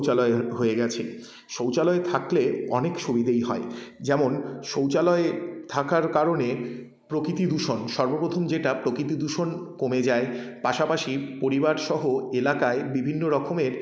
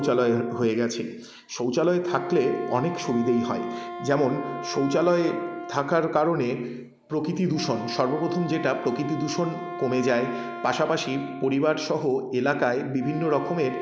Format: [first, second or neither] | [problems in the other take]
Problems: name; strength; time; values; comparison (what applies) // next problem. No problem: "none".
first | background sound (Wind instrument, woodwind instrument); 12 dB below the speech